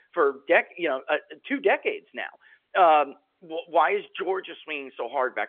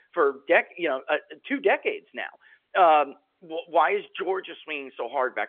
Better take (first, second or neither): neither